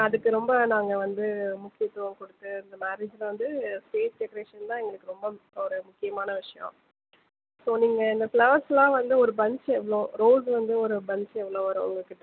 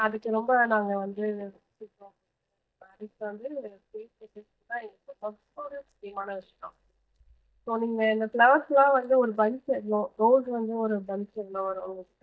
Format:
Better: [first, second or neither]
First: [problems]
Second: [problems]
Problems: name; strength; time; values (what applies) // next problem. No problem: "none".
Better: first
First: none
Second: noise reduction (neural mask model DeepFilterNet 3)